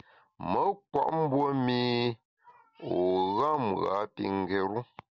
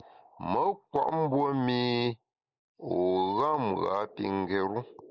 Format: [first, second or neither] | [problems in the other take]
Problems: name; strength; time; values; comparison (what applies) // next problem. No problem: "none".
first | noise reduction (neural mask model Resemble Enhance denoiser)